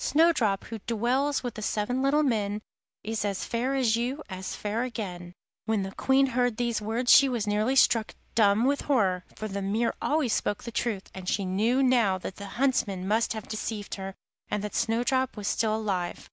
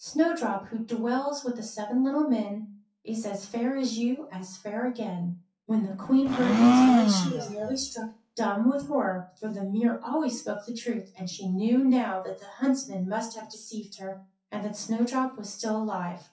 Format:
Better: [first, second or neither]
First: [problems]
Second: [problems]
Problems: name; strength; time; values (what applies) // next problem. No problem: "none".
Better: first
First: none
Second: noise reduction (classical method WPE with log-MMSE)